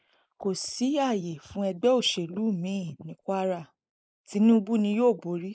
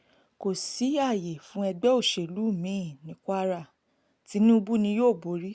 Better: second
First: noise reduction (neural mask model Resemble Enhance denoiser)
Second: none

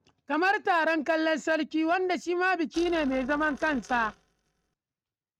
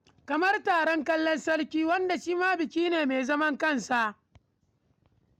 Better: second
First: noise reduction (neural mask model RNNoise)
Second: none

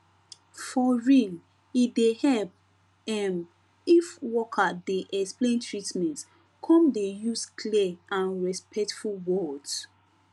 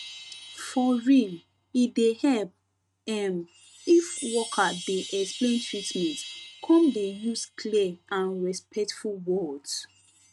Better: first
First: none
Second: noise reduction (neural mask model RNNoise)

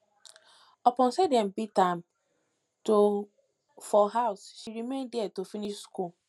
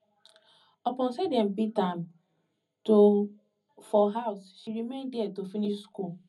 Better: first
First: none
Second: room echo; dies away in 0.4 s

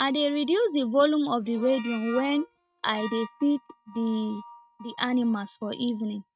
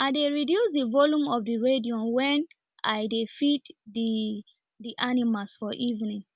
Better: second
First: noise reduction (neural mask model RNNoise)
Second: none

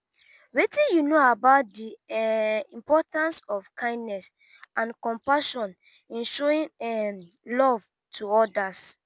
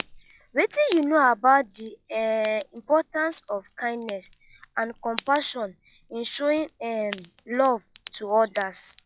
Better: first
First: none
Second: noise reduction (classical method log-MMSE)

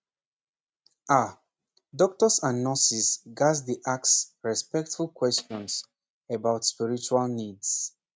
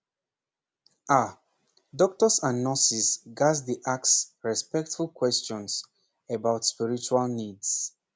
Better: second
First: noise reduction (neural mask model RNNoise)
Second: none

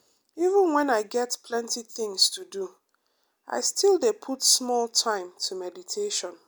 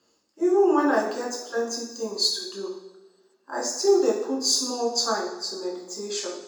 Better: first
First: none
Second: room echo; dies away in 0.9 s

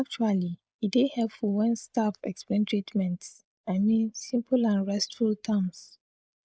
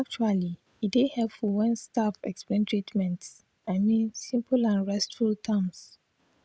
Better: second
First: noise reduction (neural mask model Resemble Enhance denoiser)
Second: none

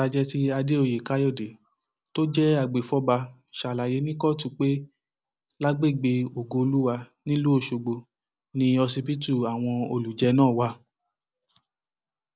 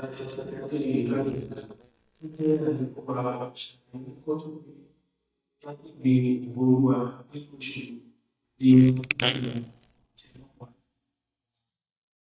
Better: first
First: none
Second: noise reduction (neural mask model DeepFilterNet 3)

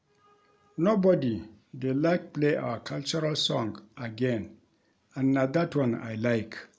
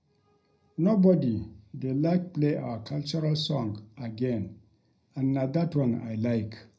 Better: first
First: none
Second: room echo; dies away in 0.3 s

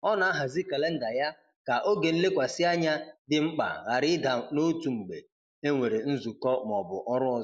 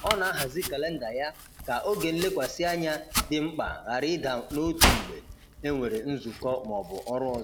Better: first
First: none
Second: background sound (Domestic sounds, home sounds); 3 dB below the speech

